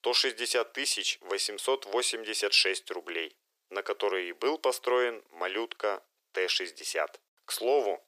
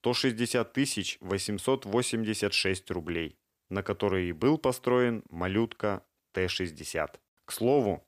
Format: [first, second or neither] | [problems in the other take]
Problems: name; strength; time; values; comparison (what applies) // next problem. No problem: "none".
second | thin; very; fading below 400 Hz